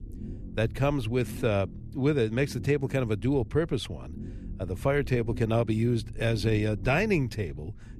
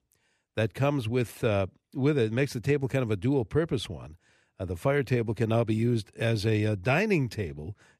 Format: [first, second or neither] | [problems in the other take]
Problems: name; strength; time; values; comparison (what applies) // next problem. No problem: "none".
second | low rumble; faint; throughout; 20 dB below the speech